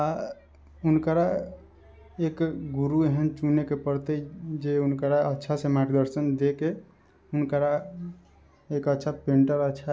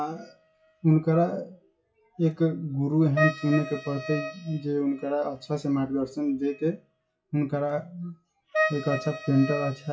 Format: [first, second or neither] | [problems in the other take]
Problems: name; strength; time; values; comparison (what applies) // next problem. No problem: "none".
first | noise reduction (classical method WPE with log-MMSE)